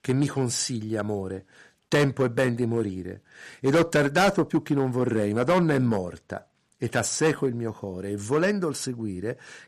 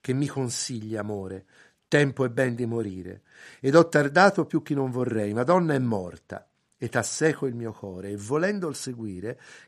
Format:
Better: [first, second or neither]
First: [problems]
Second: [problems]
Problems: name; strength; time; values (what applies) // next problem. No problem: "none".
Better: second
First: distortion; heavy; 4% of the sound clipped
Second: none